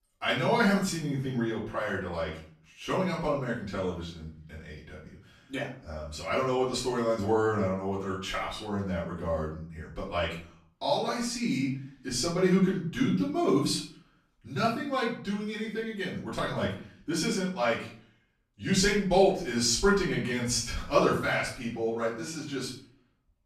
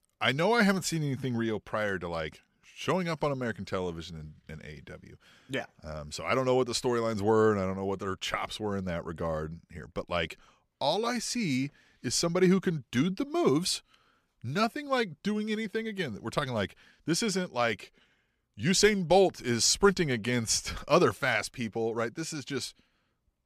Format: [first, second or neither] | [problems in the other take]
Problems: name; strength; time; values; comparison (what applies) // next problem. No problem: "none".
second | off-mic speech; far // room echo; noticeable; dies away in 0.4 s